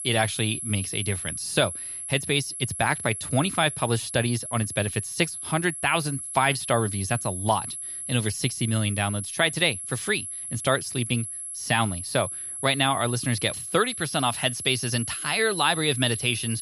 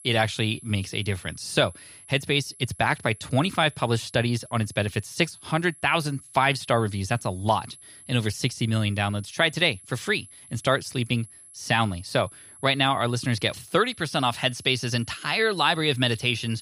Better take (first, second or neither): second